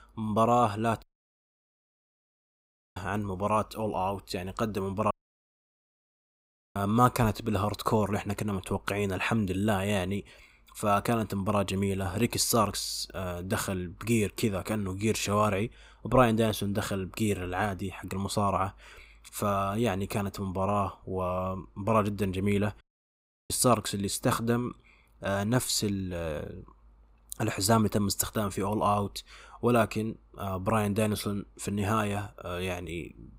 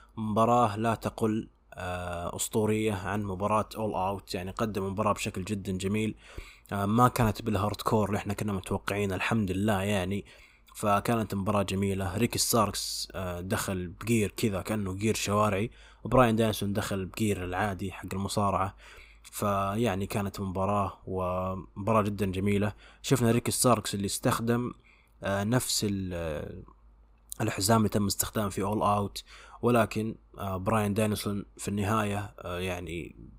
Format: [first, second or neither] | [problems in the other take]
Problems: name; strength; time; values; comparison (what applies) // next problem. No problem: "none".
second | audio cutting out; at 1 s for 2 s, at 5 s for 1.5 s and at 23 s for 0.5 s